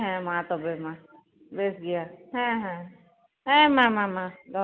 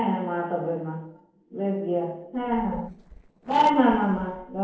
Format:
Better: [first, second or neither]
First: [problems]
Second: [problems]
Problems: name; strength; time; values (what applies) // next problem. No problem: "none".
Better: first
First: none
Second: noise reduction (neural separator model SepFormer DNS4)